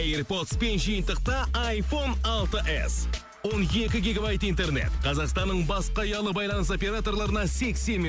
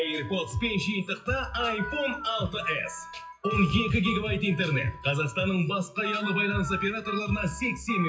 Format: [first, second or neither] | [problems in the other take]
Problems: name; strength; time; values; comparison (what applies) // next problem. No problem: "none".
first | noise reduction (classical method WPE with log-MMSE)